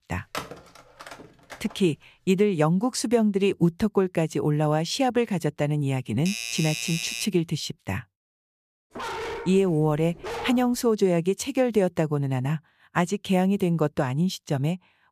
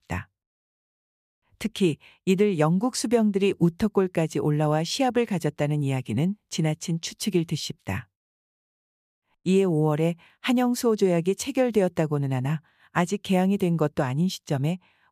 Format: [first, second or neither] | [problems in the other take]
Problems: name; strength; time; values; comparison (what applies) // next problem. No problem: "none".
second | phone ringing; faint; until 1.5 s; peak 10 dB below the speech // doorbell; noticeable; from 6 to 7.5 s; peak 4 dB below the speech // dog barking; noticeable; from 9 to 11 s; peak 7 dB below the speech